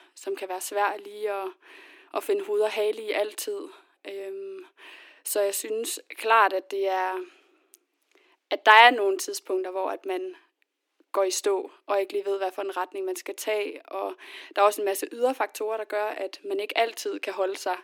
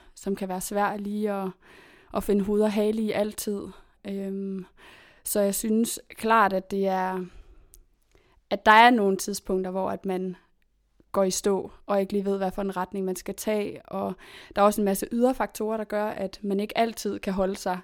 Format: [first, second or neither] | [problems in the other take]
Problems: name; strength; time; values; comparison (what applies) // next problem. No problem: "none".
second | thin; very; fading below 300 Hz